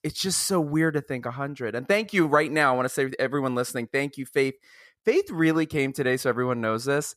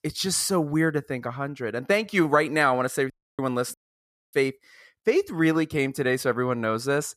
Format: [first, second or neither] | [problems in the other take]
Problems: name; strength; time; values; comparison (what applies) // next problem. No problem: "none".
first | audio cutting out; at 3 s and at 3.5 s for 0.5 s